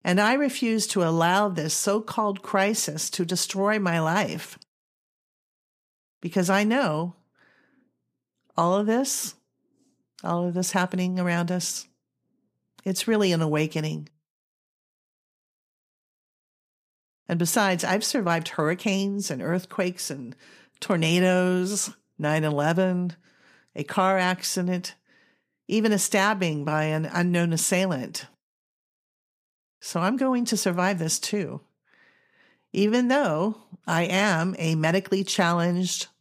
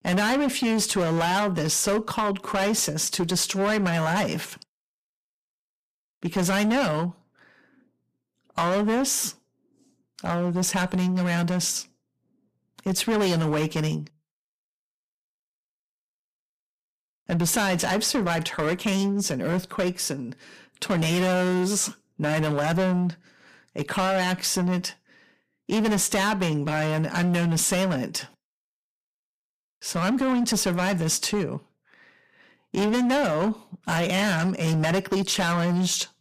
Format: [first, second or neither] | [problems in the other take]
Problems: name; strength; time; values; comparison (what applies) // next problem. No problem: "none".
first | distortion; heavy; 14% of the sound clipped